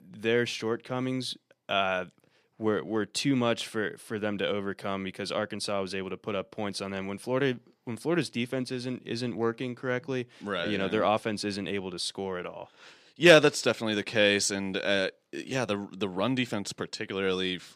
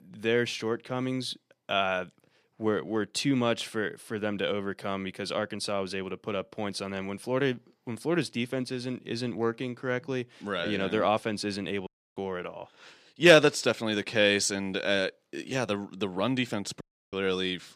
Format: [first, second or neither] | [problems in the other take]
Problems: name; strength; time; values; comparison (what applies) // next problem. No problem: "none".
first | audio cutting out; at 12 s and at 17 s